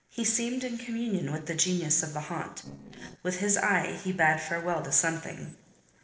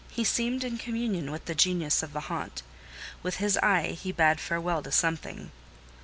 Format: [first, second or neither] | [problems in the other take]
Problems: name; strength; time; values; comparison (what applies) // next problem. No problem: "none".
second | noise reduction (neural separator model SepFormer DNS4)